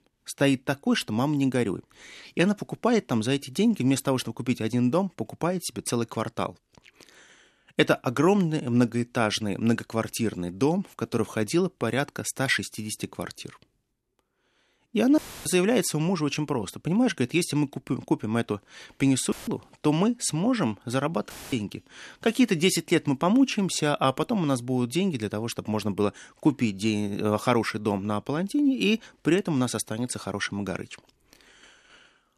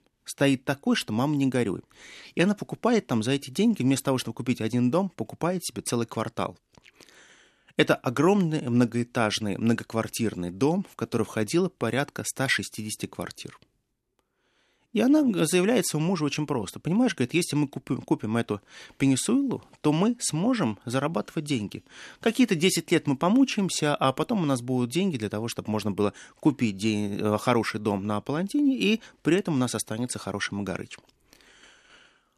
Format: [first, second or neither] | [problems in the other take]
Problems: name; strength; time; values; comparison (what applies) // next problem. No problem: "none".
second | audio cutting out; filled with static; at 15 s, at 19 s and at 21 s